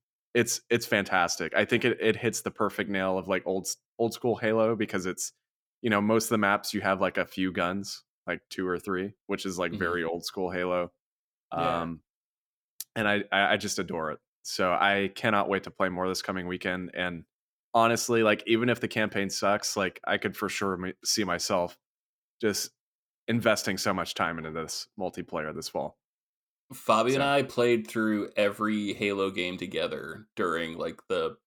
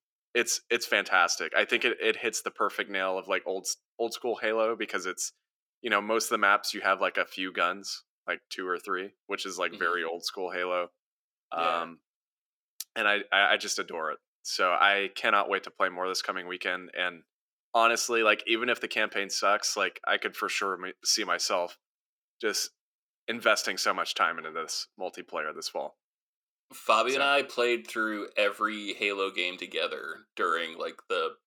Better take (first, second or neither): first